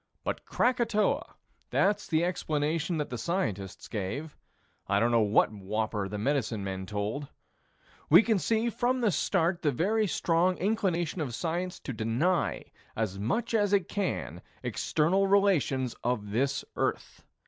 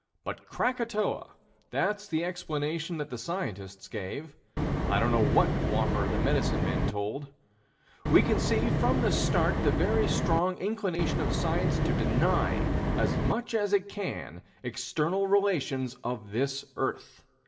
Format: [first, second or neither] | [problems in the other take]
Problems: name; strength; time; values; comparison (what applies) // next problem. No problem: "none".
first | background sound (Wind); 3 dB above the speech // room echo; dies away in 0.4 s